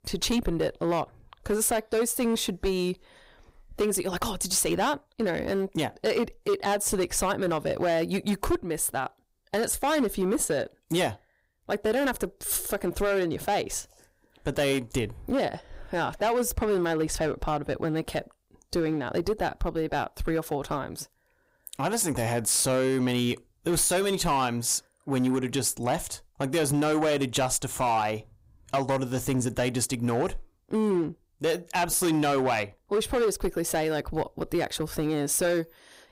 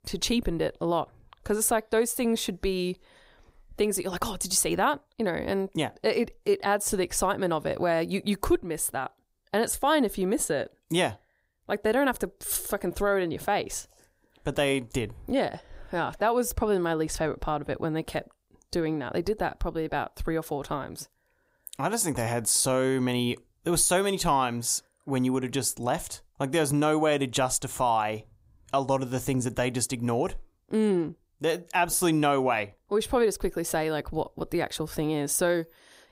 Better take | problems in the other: second | distortion; slight; 9% of the sound clipped

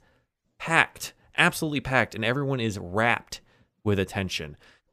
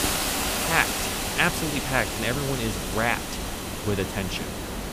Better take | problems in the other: first | hiss; loud; throughout; 1 dB below the speech

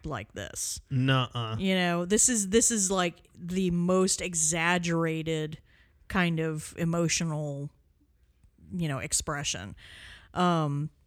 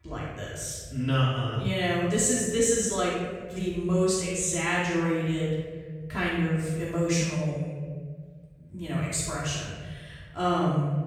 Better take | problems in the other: first | off-mic speech; far // room echo; strong; dies away in 1.7 s

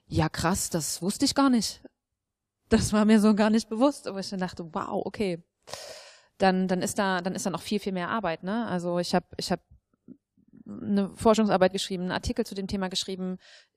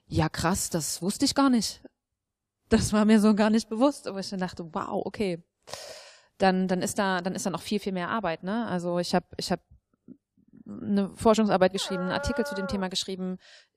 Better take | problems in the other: first | dog barking; noticeable; from 12 to 13 s; peak 8 dB below the speech

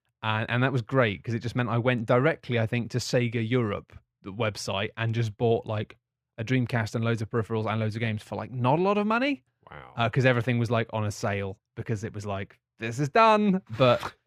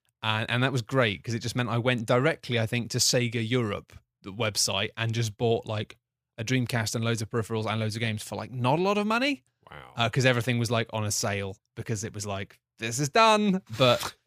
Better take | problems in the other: second | muffled; slightly; fading above 3.5 kHz

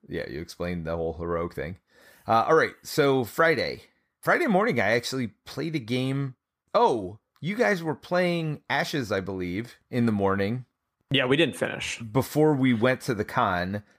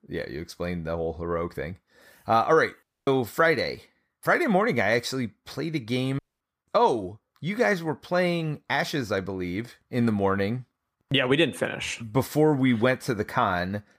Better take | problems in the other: first | audio cutting out; at 3 s and at 6 s

